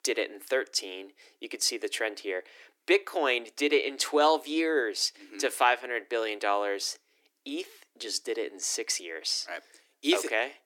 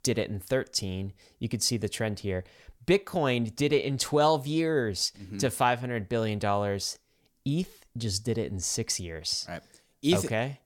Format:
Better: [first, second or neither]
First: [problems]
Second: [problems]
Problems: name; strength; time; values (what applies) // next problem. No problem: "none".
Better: second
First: thin; somewhat; fading below 300 Hz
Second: none